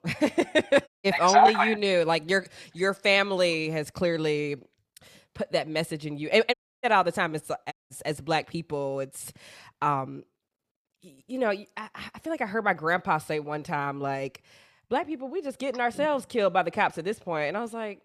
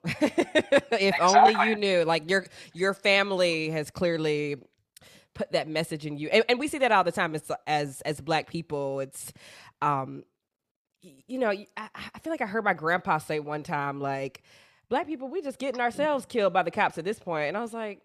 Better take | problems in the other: second | audio cutting out; at 1 s, at 6.5 s and at 7.5 s

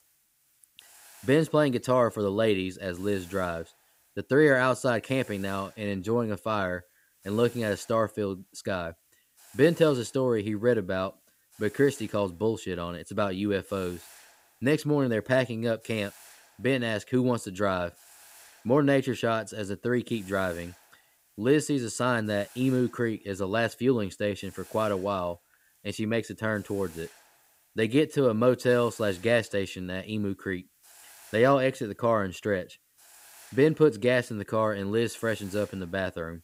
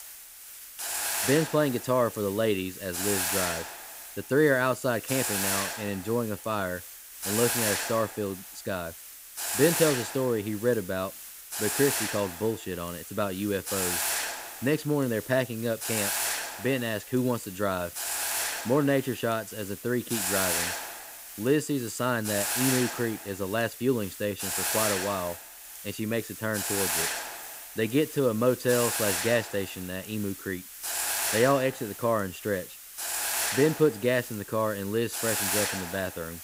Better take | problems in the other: first | hiss; loud; throughout; 2 dB below the speech; faint in the first

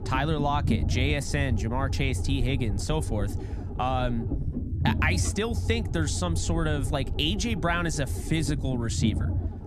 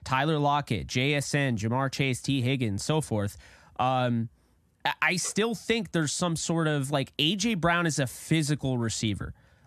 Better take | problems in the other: second | low rumble; noticeable; throughout; 10 dB below the speech

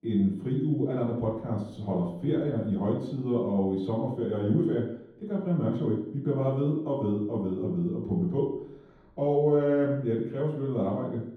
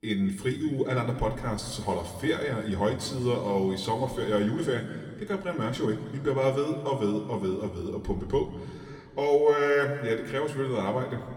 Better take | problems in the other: second | room echo; strong; dies away in 0.9 s; slight in the second // off-mic speech; far; somewhat distant in the second

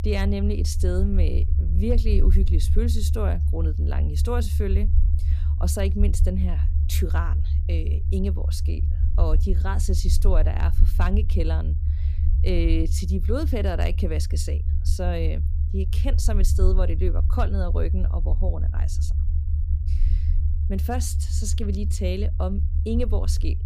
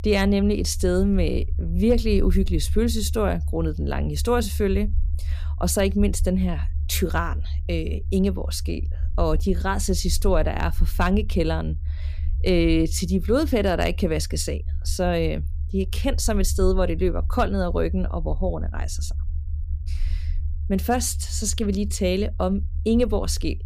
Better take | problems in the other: second | low rumble; loud; throughout; 9 dB below the speech; faint in the second

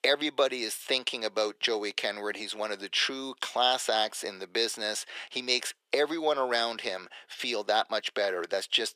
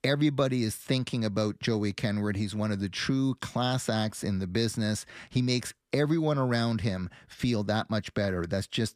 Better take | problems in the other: second | thin; very; fading below 400 Hz

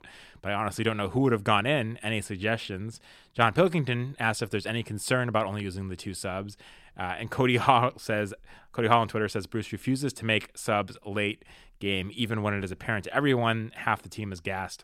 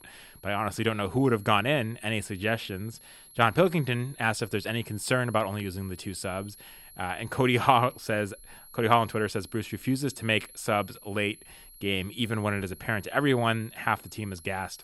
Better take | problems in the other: first | high-pitched whine; faint; throughout; 11.5 kHz, 20 dB below the speech

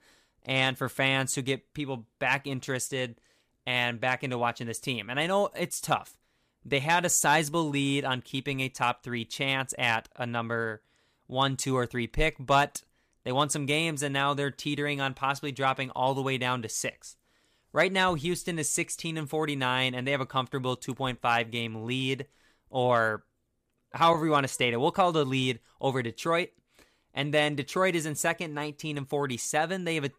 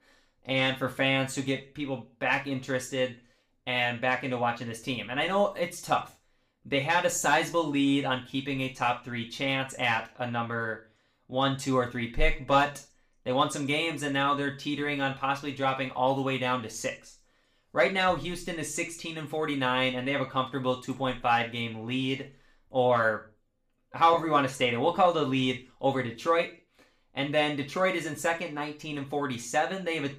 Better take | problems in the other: first | room echo; slight; dies away in 0.3 s // off-mic speech; somewhat distant

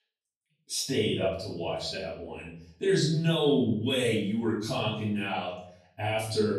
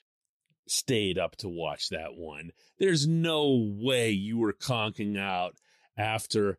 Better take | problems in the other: second | off-mic speech; far // room echo; noticeable; dies away in 0.6 s

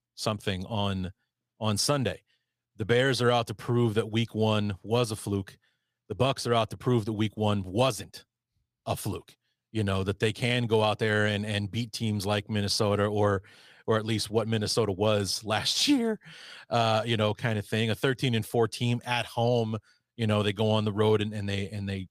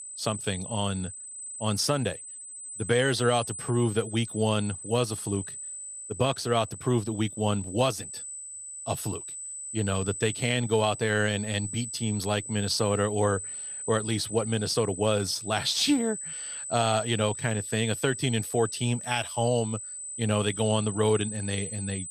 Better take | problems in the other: first | high-pitched whine; loud; throughout; 8 kHz, 8 dB below the speech

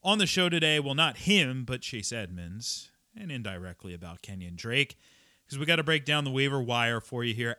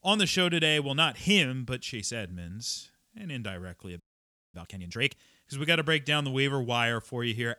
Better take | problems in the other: first | audio freezing; at 4 s for 0.5 s

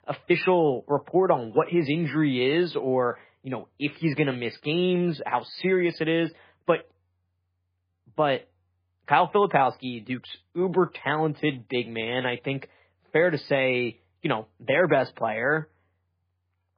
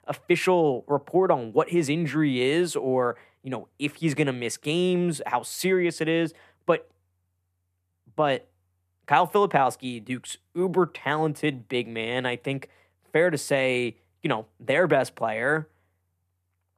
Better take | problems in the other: second | garbled, watery; badly

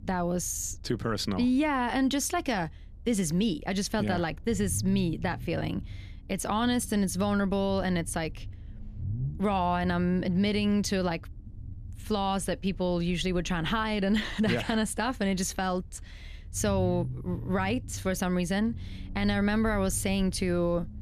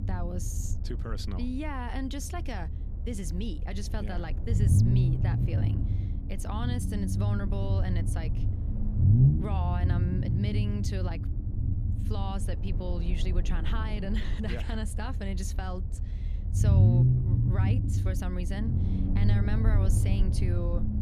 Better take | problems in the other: first | low rumble; loud; throughout; 1 dB below the speech; faint in the first

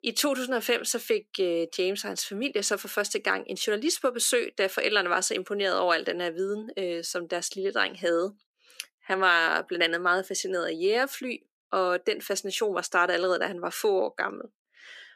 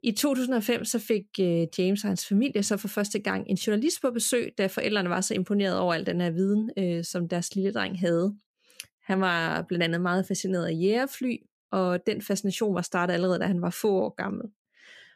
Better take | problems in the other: second | thin; very; fading below 300 Hz

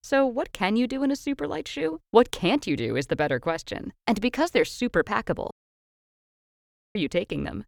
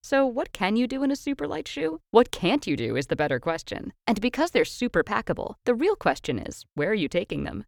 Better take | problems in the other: second | audio cutting out; at 5.5 s for 1.5 s

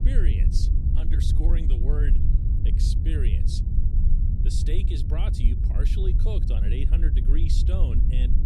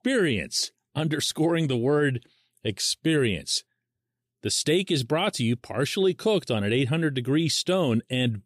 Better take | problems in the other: second | low rumble; loud; throughout; 2 dB below the speech

